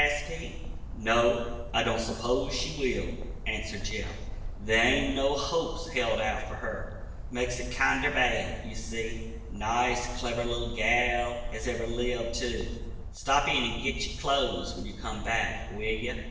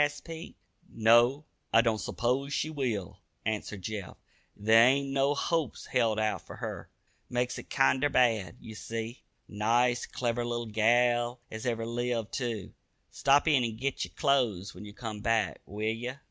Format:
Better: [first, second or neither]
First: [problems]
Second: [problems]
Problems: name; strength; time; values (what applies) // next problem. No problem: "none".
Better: second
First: background sound (Bird); 6 dB below the speech // room echo; dies away in 1.1 s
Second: none